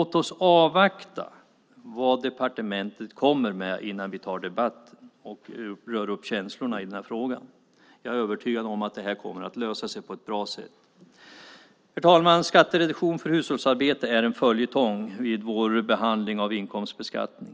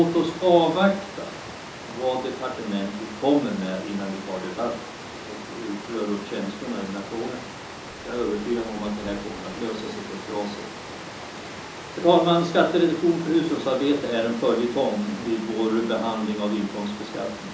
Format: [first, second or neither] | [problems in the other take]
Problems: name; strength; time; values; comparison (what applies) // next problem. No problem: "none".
first | background sound (Water); 12 dB below the speech // room echo; dies away in 1.2 s